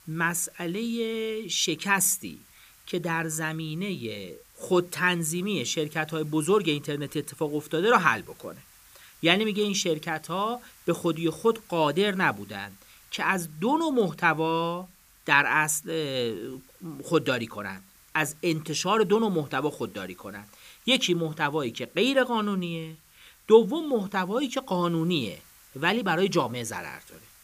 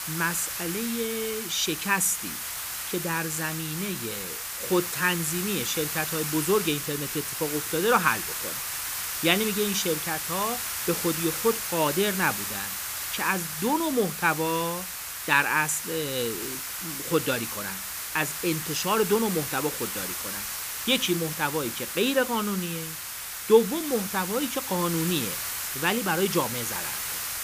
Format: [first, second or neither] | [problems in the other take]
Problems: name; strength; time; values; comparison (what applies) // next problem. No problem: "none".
first | hiss; loud; throughout; 3 dB below the speech; faint in the first